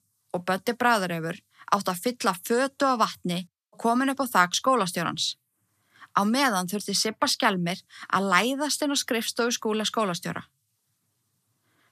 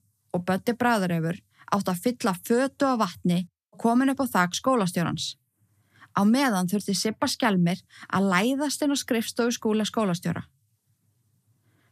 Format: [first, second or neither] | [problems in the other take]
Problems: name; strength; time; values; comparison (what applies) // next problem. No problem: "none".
second | thin; very slightly; fading below 400 Hz